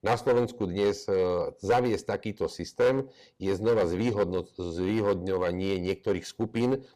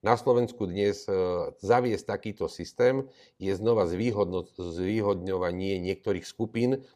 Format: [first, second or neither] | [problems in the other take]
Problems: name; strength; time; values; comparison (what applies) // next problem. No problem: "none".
second | distortion; slight; 5% of the sound clipped